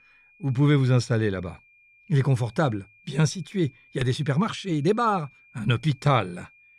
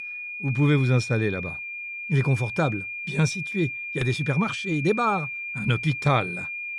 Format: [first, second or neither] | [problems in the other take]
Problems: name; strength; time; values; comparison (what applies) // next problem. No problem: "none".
first | high-pitched whine; loud; throughout; 2.5 kHz, 6 dB below the speech; faint in the first